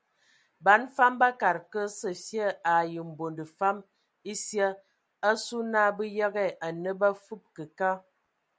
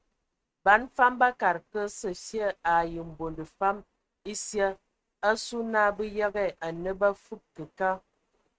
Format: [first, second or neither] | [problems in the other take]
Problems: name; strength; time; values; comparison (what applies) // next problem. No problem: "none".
first | noise reduction (neural mask model RNNoise)